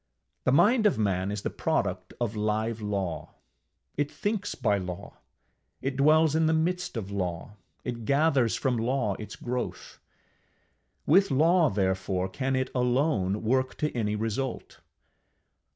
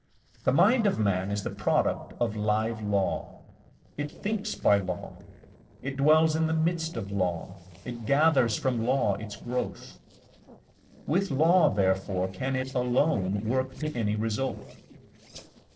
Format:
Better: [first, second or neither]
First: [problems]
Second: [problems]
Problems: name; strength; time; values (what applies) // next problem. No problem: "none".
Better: first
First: none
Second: noise reduction (neural separator model SepFormer DNS4)